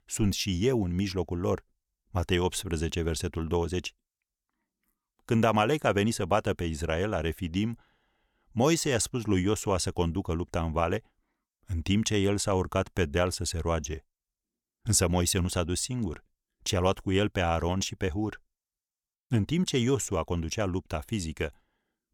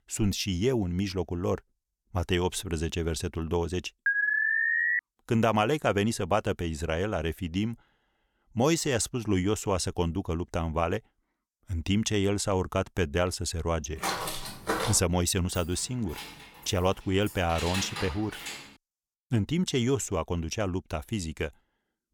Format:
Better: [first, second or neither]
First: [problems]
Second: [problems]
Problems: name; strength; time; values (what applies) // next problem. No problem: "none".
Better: first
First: none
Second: alarm; loud; at 4 s; peak 5 dB above the speech // footsteps; noticeable; from 14 to 15 s; peak 1 dB below the speech // jangling keys; noticeable; from 16 to 19 s; peak 4 dB below the speech